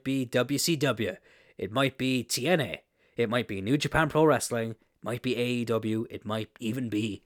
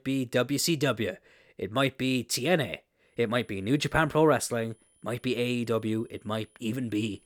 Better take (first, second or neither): first